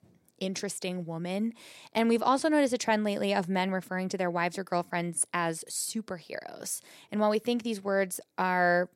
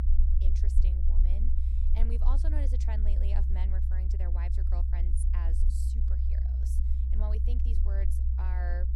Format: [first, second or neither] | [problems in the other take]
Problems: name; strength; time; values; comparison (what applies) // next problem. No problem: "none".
first | low rumble; loud; throughout; 1 dB below the speech